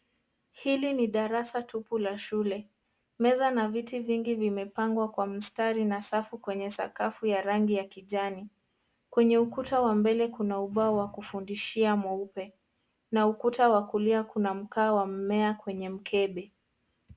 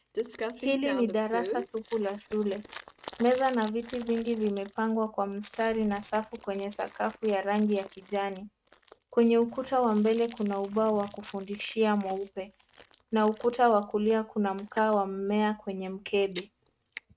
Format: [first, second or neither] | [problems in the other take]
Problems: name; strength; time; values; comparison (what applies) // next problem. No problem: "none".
first | noise reduction (neural mask model RNNoise)